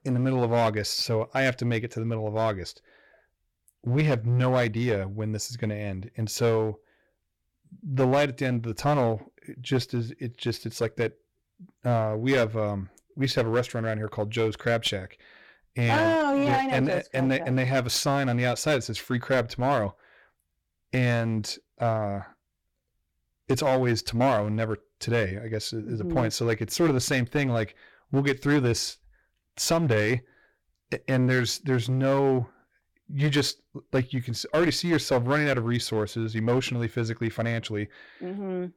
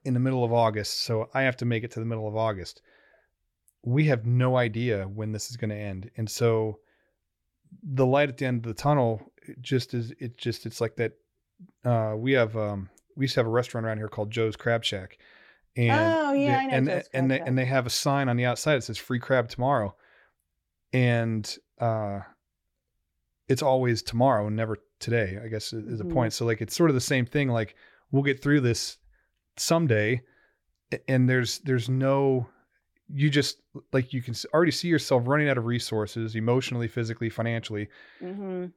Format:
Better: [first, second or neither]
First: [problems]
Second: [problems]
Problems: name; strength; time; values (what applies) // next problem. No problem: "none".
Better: second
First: distortion; slight; 7% of the sound clipped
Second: none